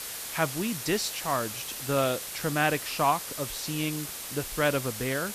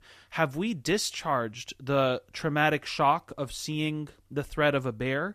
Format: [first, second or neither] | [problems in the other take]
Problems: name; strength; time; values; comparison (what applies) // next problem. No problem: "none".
second | hiss; loud; throughout; 5 dB below the speech